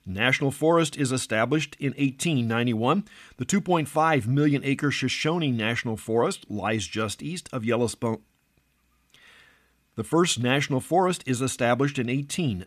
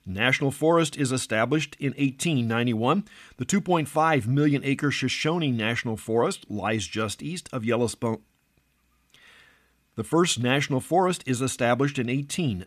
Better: neither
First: none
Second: none

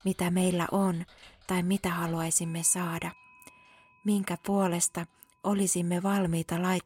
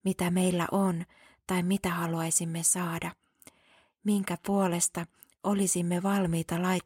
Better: second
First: household noises; faint; throughout; 30 dB below the speech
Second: none

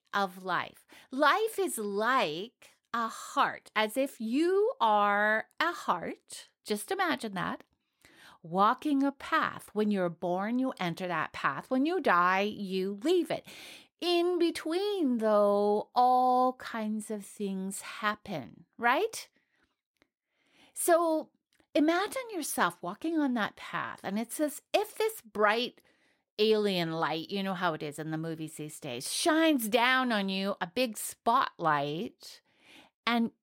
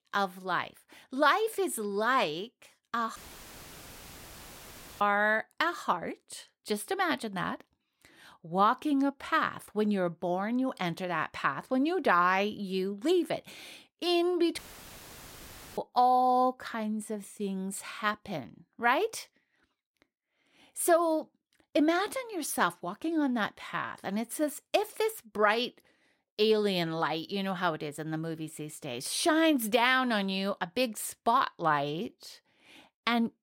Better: first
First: none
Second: audio cutting out; filled with static; at 3 s for 2 s and at 15 s for 1 s

